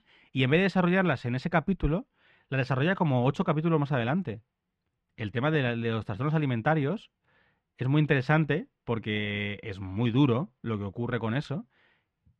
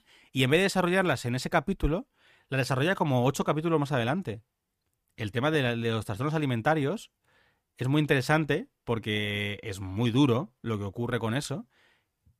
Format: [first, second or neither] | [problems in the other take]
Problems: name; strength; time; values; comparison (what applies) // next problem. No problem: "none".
second | muffled; slightly; fading above 2.5 kHz